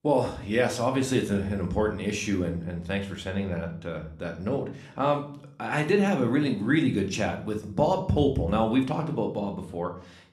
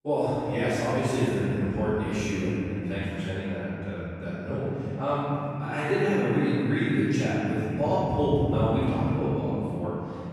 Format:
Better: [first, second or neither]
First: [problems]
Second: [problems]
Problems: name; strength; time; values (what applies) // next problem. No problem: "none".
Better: first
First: room echo; slight; dies away in 0.4 s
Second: room echo; strong; dies away in 3 s // off-mic speech; far